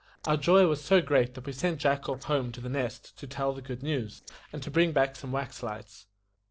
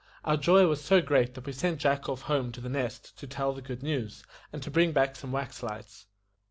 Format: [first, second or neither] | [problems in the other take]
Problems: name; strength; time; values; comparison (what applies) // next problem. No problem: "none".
second | noise reduction (neural separator model SepFormer DNS4)